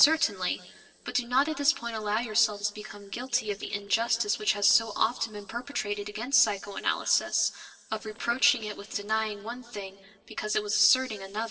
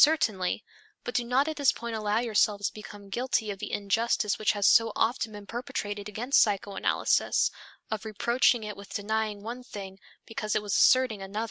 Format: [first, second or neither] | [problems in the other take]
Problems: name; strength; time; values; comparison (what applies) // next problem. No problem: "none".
second | noise reduction (neural separator model SepFormer DNS4)